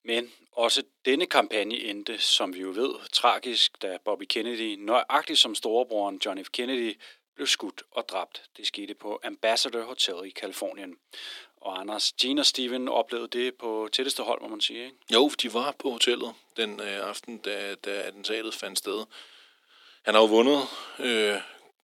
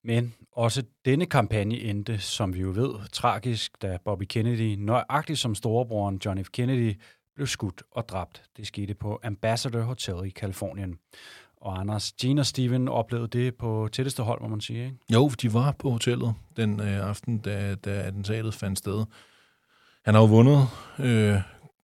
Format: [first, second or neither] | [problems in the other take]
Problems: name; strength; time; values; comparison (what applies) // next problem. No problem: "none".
second | thin; somewhat; fading below 300 Hz